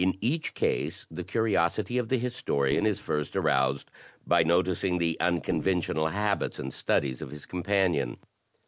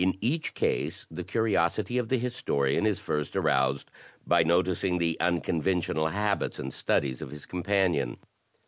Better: second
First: noise reduction (neural separator model SepFormer DNS4)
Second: none

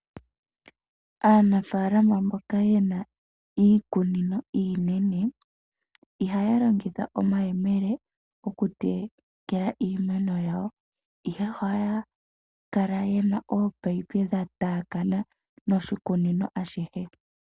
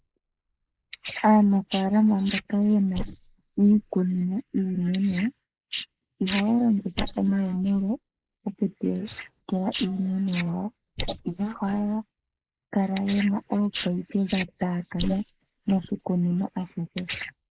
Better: first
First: none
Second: noise reduction (neural mask model Resemble Enhance denoiser)

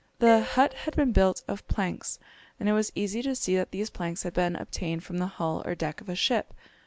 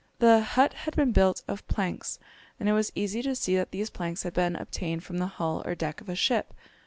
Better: second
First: background sound (Marimba, xylophone); 18 dB below the speech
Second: none

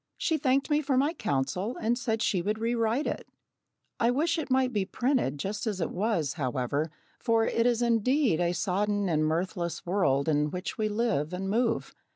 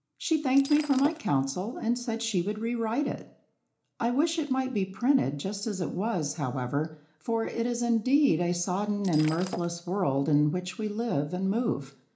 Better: first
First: none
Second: background sound (Shatter); 14 dB below the speech // room echo; dies away in 0.4 s

